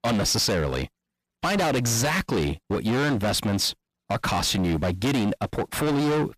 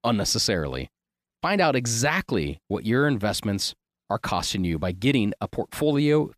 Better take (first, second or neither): second